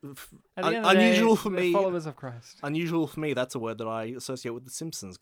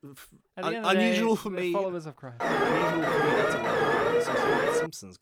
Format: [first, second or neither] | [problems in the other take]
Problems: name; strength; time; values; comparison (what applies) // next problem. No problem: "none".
first | alarm; loud; from 2.5 s on; peak 5 dB above the speech